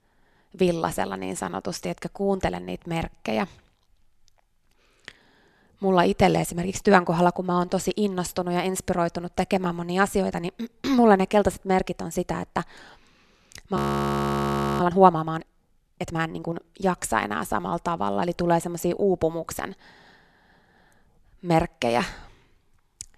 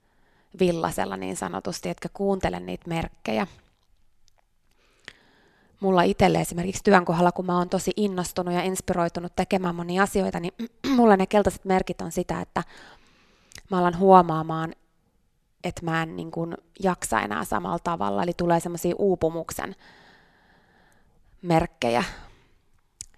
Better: second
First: audio freezing; at 14 s for 1 s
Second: none

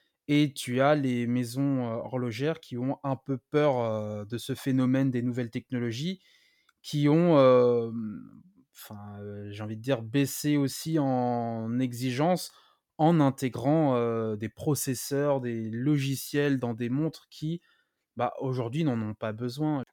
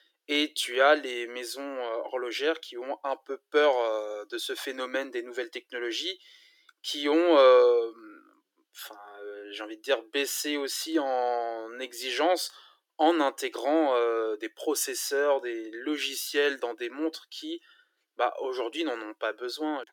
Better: first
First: none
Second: thin; very; fading below 300 Hz

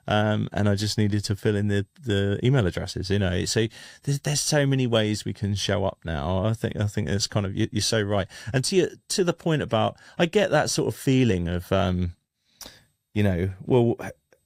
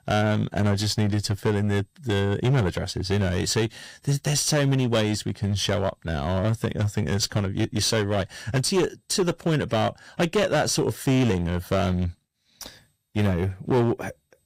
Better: first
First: none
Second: distortion; slight; 9% of the sound clipped

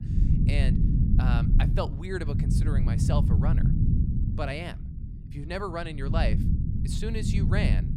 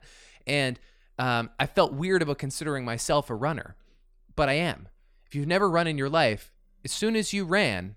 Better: second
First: low rumble; loud; throughout; 3 dB below the speech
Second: none

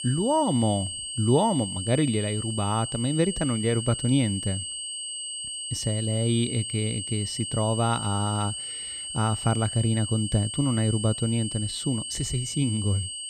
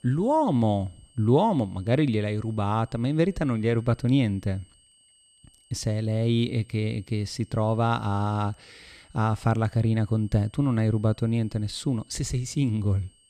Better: second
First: high-pitched whine; loud; throughout; 3 kHz, 5 dB below the speech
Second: high-pitched whine; faint; throughout; 3 kHz, 30 dB below the speech

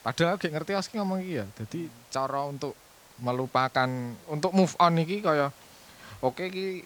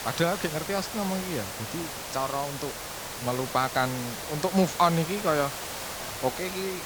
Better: first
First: hiss; faint; throughout; 25 dB below the speech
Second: hiss; loud; throughout; 5 dB below the speech

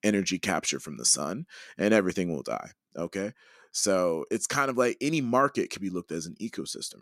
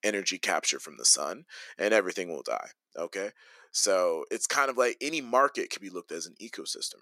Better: first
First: none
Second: thin; somewhat; fading below 500 Hz

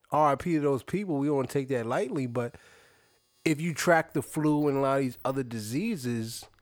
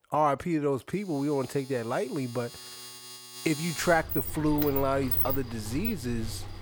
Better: first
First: household noises; faint; throughout; 30 dB below the speech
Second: household noises; loud; throughout; 3 dB below the speech

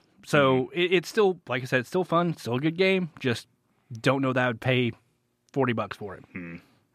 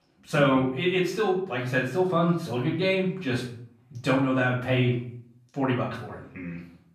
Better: first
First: none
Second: off-mic speech; far // room echo; noticeable; dies away in 0.5 s

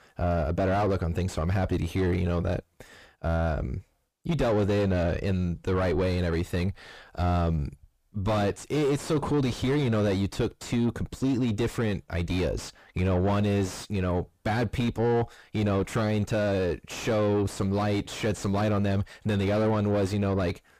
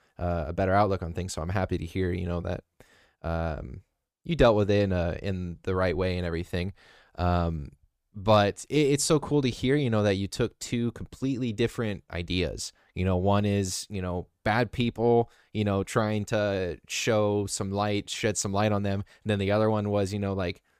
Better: second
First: distortion; heavy; 6 dB below the speech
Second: none

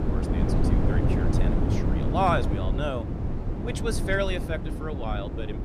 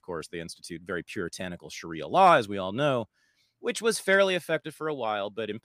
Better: second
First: wind noise on the microphone; heavy; 5 dB below the speech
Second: none

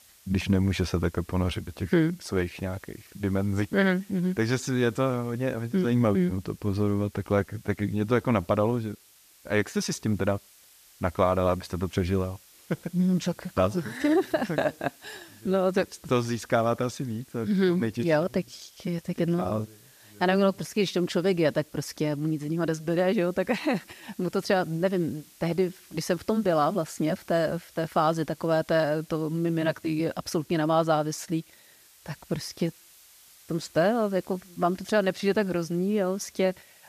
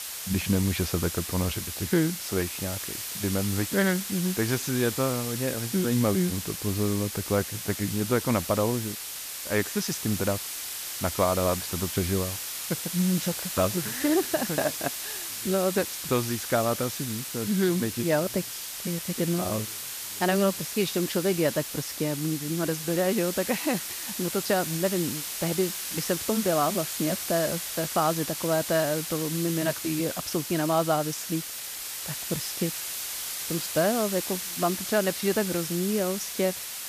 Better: first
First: hiss; faint; throughout; 25 dB below the speech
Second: hiss; loud; throughout; 4 dB below the speech

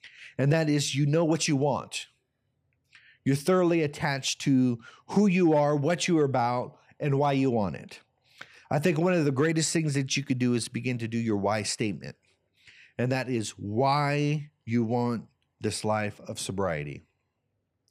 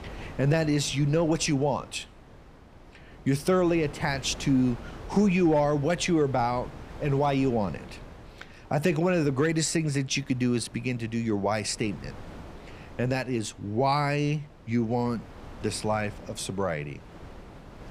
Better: first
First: none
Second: wind noise on the microphone; occasional gusts; 20 dB below the speech

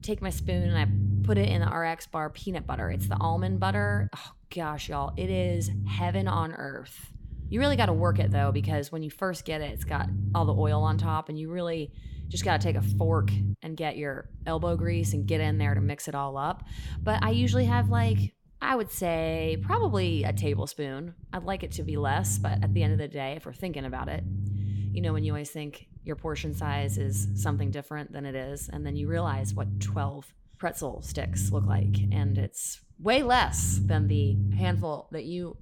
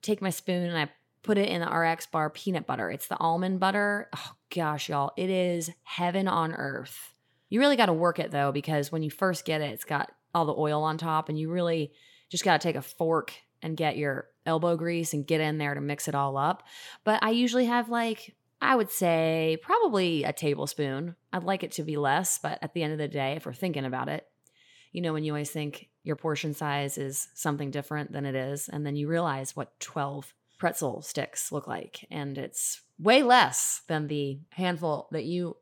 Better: second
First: low rumble; noticeable; throughout; 10 dB below the speech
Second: none

